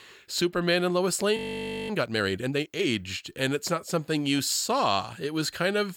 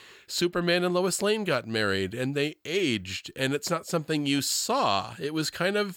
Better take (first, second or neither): second